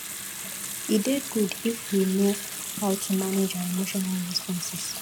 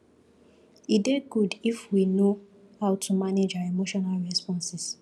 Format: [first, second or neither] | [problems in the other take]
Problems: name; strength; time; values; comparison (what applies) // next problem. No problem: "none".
second | background sound (Bathtub (filling or washing) / Sink (filling or washing) / Water tap, faucet + Sink (filling or washing) / Water tap, faucet); 8 dB below the speech